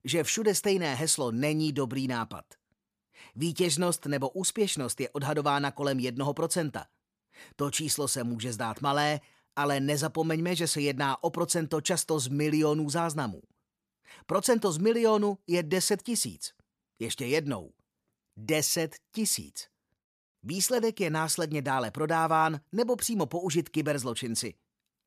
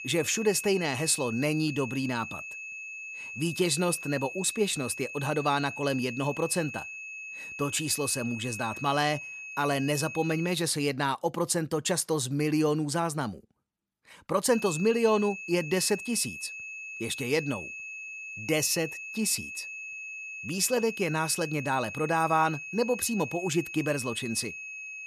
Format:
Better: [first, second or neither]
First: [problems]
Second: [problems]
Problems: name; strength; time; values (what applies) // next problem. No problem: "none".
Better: first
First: none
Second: high-pitched whine; loud; until 11 s and from 15 s on; 2.5 kHz, 9 dB below the speech